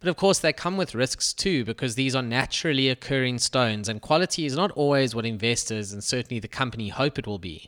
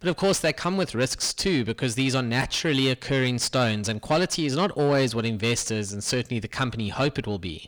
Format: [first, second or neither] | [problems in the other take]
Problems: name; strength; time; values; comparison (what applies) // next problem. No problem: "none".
first | distortion; slight; 10 dB below the speech